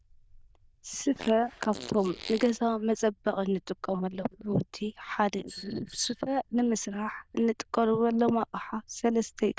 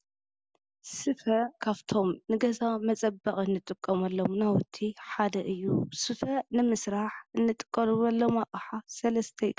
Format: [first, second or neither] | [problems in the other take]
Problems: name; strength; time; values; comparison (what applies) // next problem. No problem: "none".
second | noise reduction (neural diffusion model UNIVERSE++)